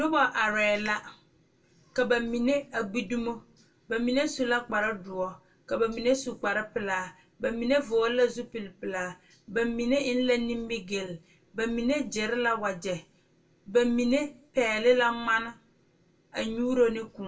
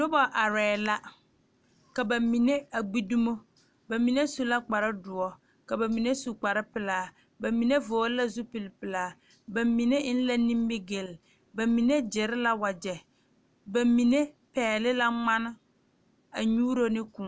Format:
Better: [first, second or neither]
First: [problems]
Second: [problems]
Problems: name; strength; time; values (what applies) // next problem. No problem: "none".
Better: second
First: room echo; dies away in 0.2 s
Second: none